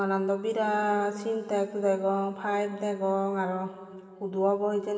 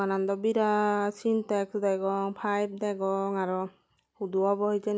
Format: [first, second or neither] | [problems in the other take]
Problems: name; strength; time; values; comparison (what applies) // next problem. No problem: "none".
second | room echo; dies away in 2.4 s